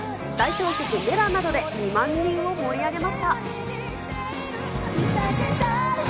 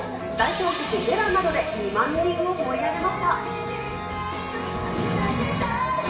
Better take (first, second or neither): first